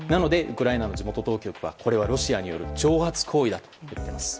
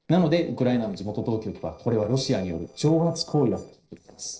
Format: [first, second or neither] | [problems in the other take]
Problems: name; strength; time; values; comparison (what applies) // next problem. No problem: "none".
first | noise reduction (neural separator model SepFormer DNS4)